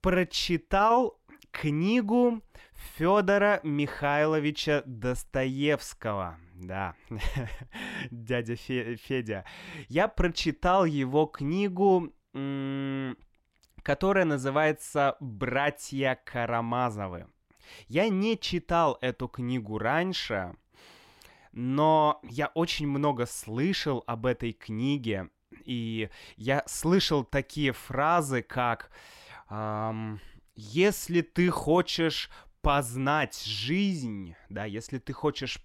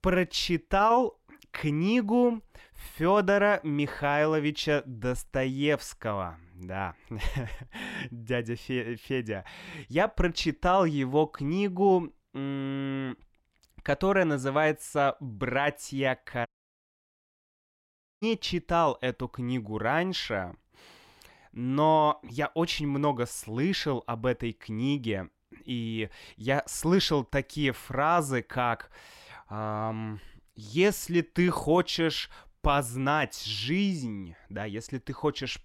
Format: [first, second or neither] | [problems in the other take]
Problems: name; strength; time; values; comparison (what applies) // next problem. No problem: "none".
first | audio cutting out; at 16 s for 2 s